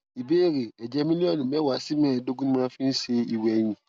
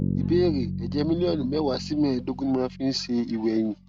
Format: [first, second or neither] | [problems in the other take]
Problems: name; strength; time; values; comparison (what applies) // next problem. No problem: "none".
first | background sound (Bass guitar); 6 dB below the speech